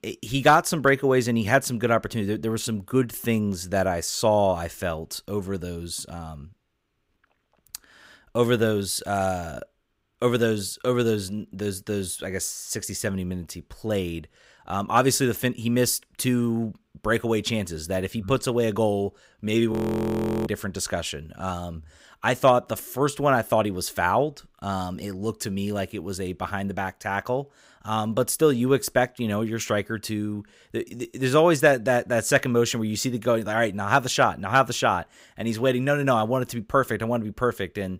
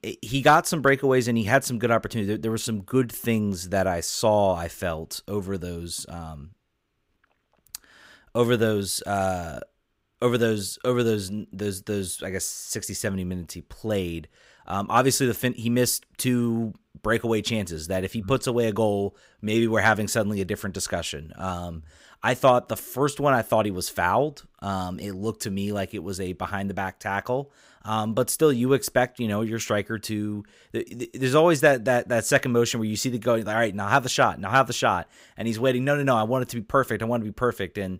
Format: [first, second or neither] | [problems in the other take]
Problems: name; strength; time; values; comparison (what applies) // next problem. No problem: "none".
second | audio freezing; at 20 s for 0.5 s